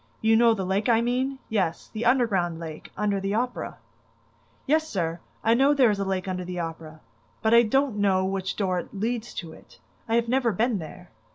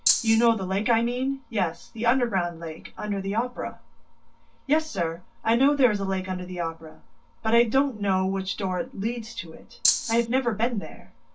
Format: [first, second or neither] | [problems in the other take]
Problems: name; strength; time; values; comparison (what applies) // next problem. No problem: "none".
first | background sound (Rattle (instrument)); 1 dB above the speech // room echo; dies away in 0.1 s